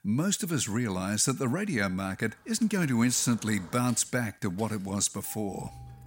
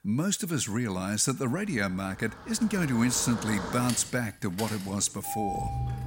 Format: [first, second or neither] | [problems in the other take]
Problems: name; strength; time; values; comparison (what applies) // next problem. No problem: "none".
first | traffic noise; loud; throughout; 9 dB below the speech; faint in the first